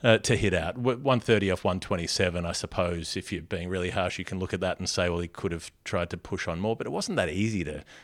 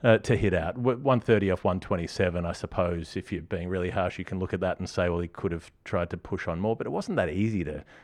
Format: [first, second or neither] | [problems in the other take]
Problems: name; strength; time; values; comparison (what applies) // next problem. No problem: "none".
first | muffled; slightly; fading above 2.5 kHz